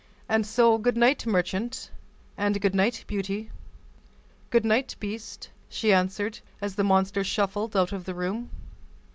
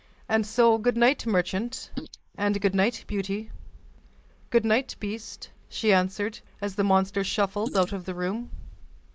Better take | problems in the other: first | noise reduction (neural mask model Resemble Enhance denoiser)

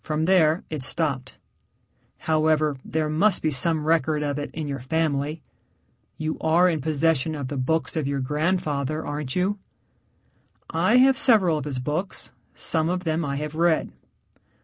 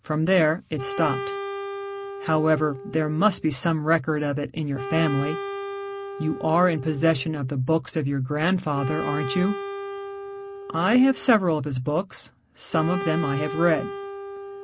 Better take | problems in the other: first | background sound (Wind instrument, woodwind instrument); 10 dB below the speech

